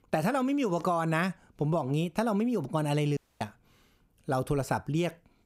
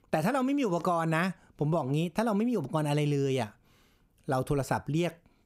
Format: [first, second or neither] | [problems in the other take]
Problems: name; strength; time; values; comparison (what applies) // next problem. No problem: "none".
second | audio cutting out; at 3 s